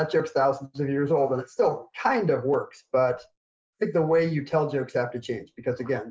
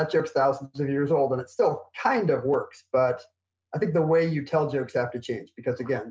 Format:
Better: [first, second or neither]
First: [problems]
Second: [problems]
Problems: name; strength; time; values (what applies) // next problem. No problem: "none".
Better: second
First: noise reduction (neural mask model Resemble Enhance denoiser)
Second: none